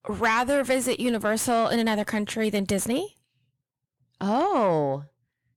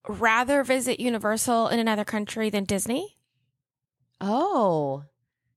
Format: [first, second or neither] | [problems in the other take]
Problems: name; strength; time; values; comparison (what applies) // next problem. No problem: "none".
second | distortion; slight; 10 dB below the speech